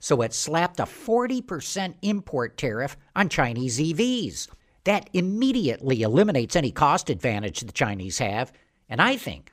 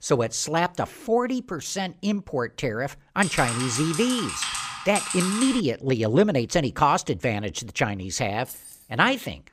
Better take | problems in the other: first | keyboard typing; noticeable; from 3 to 5.5 s; peak 2 dB below the speech // jangling keys; faint; at 8.5 s; peak 15 dB below the speech

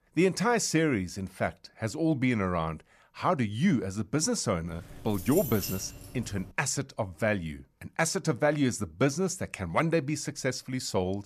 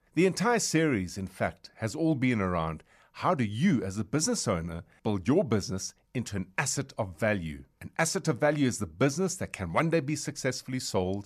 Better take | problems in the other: second | jangling keys; noticeable; from 4.5 to 6.5 s; peak 6 dB below the speech

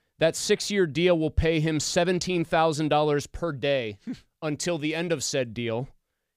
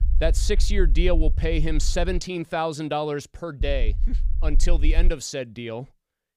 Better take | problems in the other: first | low rumble; faint; until 2 s and from 3.5 to 5 s; 20 dB below the speech

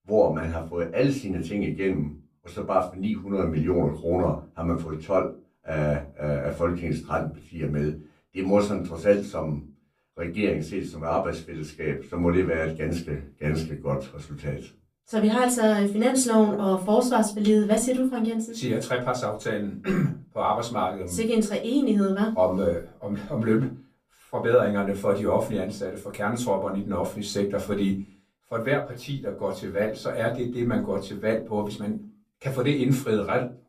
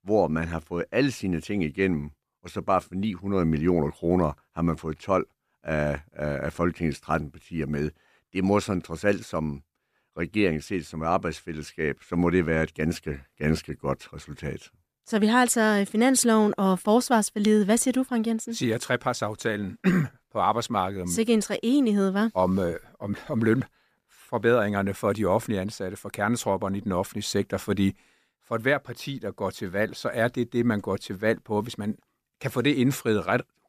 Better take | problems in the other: second | off-mic speech; far // room echo; very slight; dies away in 0.3 s

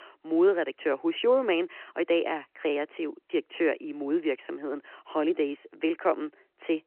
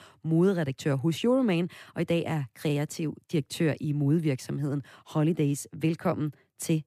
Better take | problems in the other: second | phone-call audio

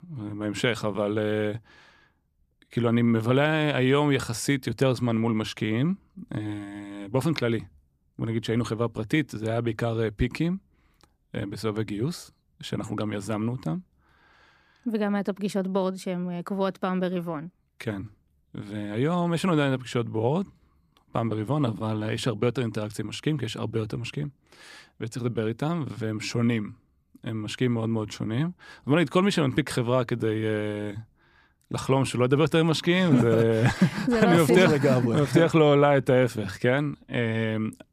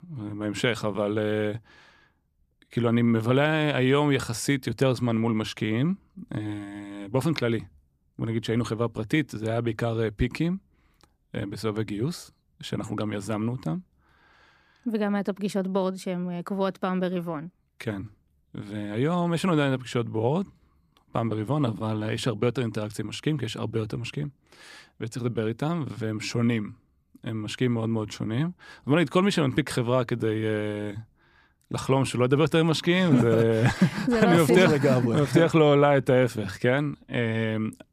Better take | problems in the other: neither | none

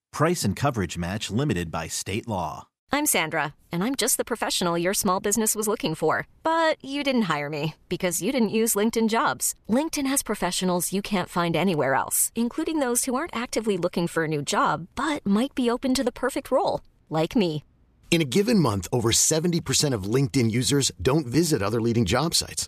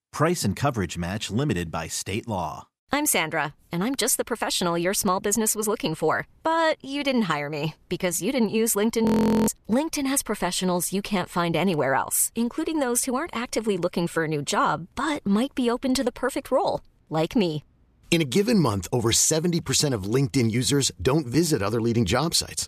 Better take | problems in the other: first | audio freezing; at 9 s

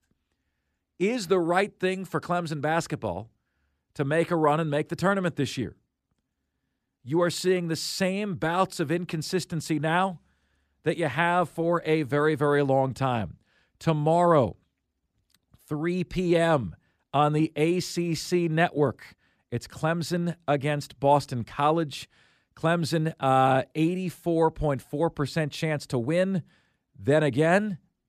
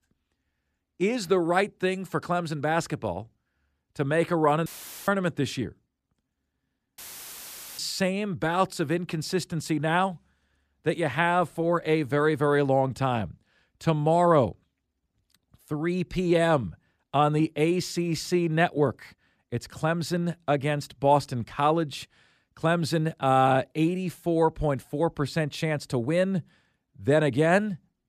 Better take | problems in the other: first | audio cutting out; filled with static; at 4.5 s and at 7 s for 1 s

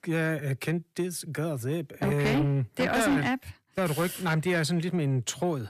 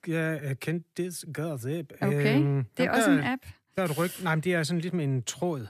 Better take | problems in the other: second | distortion; slight; 10 dB below the speech

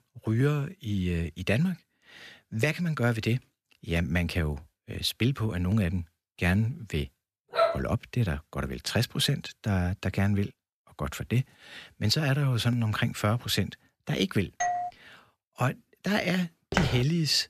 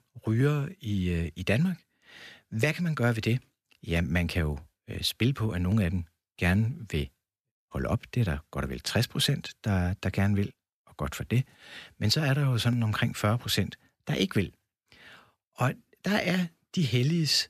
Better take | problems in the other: second | dog barking; loud; at 7.5 s; peak 2 dB above the speech // doorbell; noticeable; at 15 s; peak 1 dB below the speech // footsteps; noticeable; at 17 s; peak 1 dB below the speech

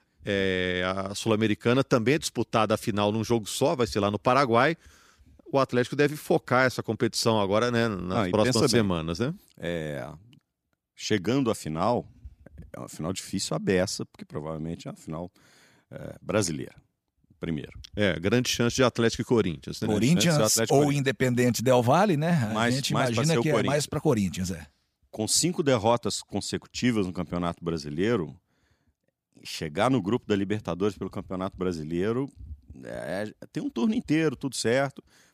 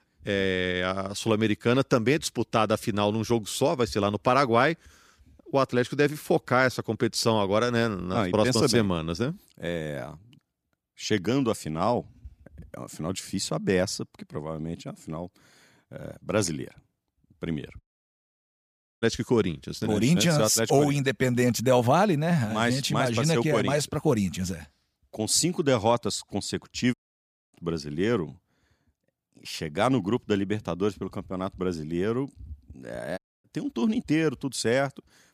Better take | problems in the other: first | audio cutting out; at 18 s for 1 s, at 27 s for 0.5 s and at 33 s

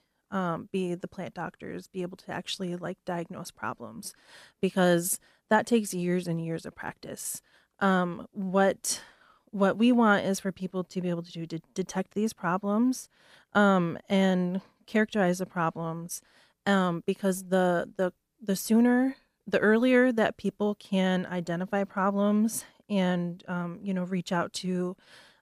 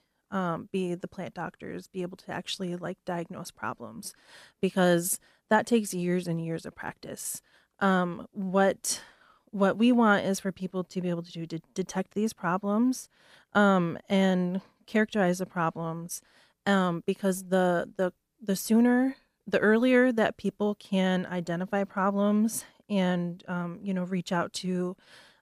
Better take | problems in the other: neither | none

